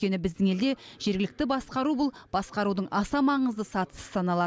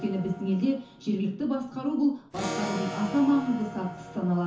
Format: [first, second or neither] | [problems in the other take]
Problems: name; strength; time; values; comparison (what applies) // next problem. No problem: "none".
first | background sound (Electric guitar / Acoustic guitar); 11 dB below the speech // room echo; dies away in 0.9 s